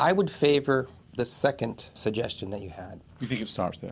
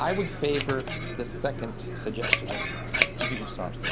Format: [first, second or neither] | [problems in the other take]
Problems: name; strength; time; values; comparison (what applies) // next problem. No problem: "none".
first | background sound (Scissors); 2 dB above the speech